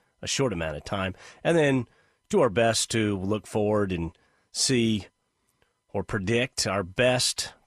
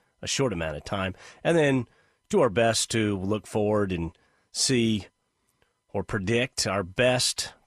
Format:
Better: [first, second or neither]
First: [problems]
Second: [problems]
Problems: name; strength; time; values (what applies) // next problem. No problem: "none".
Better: neither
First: none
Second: none